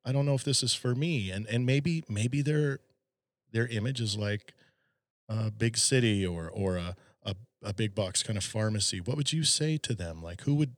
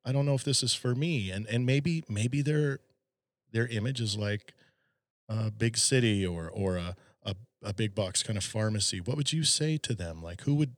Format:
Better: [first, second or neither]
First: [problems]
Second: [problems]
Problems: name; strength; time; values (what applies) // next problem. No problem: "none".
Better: neither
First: none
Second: none